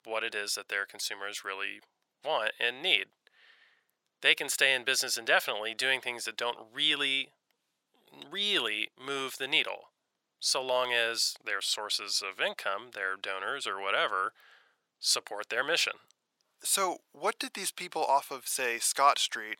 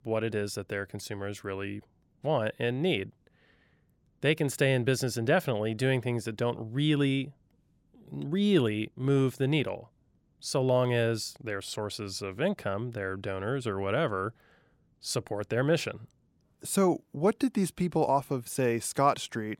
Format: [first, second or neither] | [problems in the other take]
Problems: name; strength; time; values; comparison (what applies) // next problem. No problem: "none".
second | thin; very; fading below 950 Hz